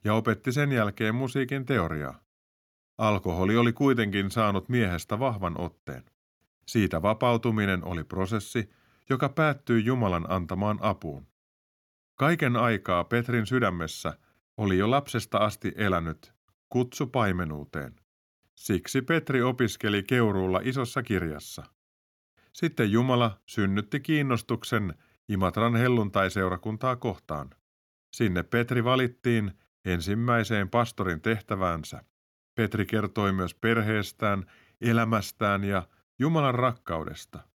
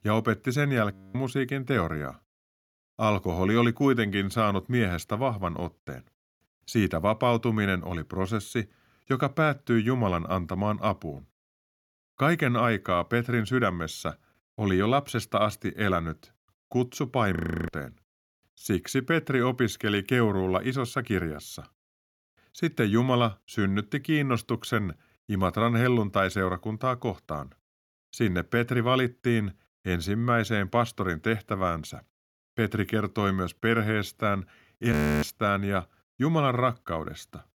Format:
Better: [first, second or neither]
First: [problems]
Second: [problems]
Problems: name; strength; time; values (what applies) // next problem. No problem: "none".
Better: first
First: none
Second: audio freezing; at 1 s, at 17 s and at 35 s